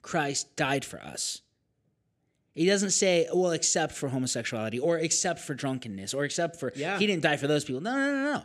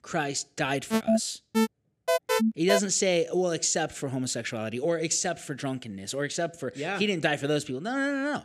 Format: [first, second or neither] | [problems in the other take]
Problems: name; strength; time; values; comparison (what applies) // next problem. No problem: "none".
first | alarm; loud; from 1 to 3 s; peak 3 dB above the speech